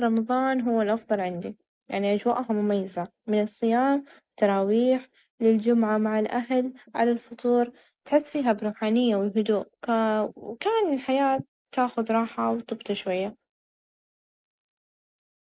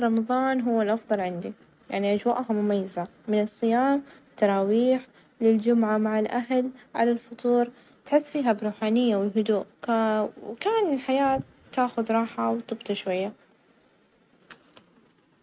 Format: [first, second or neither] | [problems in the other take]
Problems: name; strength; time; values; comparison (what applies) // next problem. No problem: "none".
second | noise reduction (neural mask model Resemble Enhance denoiser)